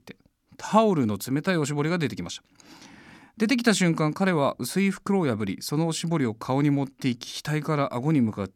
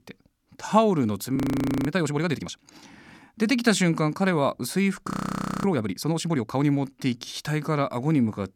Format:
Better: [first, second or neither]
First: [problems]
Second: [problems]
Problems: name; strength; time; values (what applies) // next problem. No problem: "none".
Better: first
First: none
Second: audio freezing; at 1.5 s for 0.5 s and at 5 s for 0.5 s